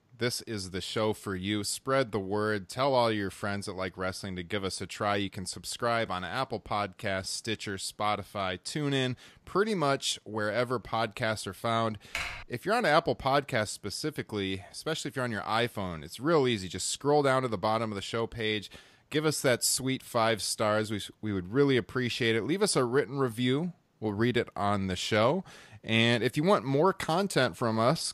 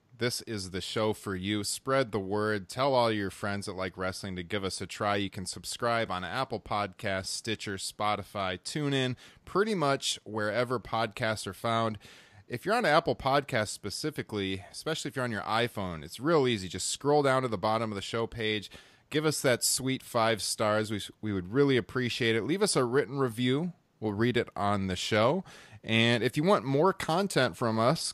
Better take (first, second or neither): second